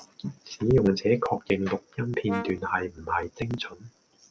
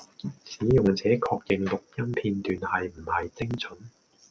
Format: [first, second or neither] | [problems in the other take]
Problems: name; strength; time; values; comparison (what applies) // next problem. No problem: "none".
second | background sound (Brass instrument); 13 dB below the speech